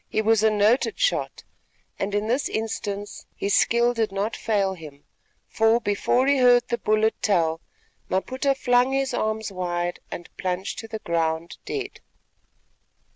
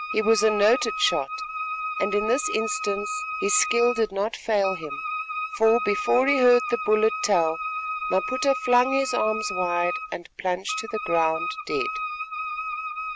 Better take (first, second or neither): first